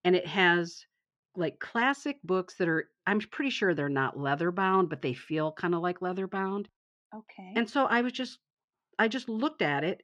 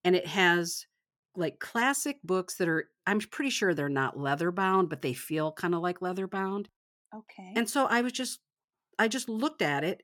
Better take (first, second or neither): second